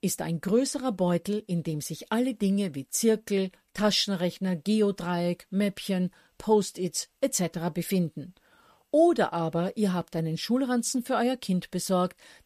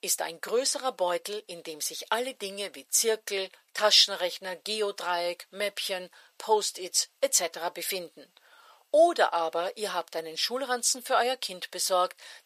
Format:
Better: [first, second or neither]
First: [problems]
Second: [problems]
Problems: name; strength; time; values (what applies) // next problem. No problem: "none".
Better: first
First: none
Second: thin; very; fading below 550 Hz